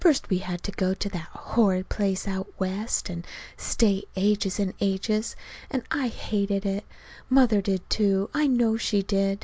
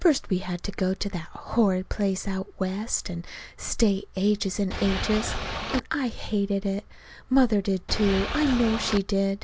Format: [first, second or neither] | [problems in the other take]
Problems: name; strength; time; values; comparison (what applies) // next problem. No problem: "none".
first | background sound (Boat, Water vehicle); 4 dB below the speech